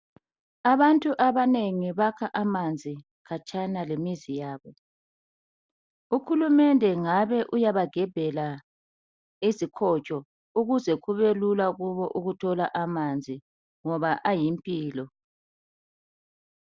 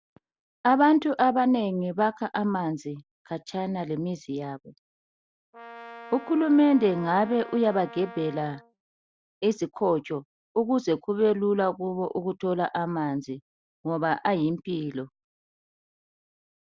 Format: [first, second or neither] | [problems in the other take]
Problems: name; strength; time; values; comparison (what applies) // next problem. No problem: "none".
first | background sound (Brass instrument); 17 dB below the speech